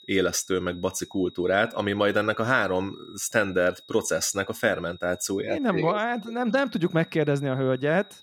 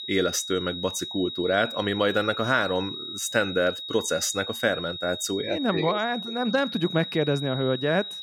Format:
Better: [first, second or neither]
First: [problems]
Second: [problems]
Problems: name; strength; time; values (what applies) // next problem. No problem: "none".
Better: first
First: high-pitched whine; faint; throughout; 4 kHz, 25 dB below the speech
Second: high-pitched whine; loud; throughout; 4 kHz, 7 dB below the speech